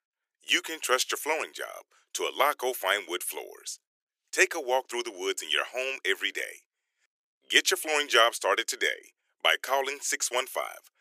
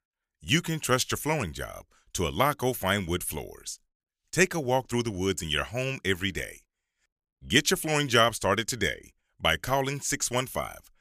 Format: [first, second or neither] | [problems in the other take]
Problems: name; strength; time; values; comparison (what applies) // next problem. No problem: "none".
second | thin; very; fading below 350 Hz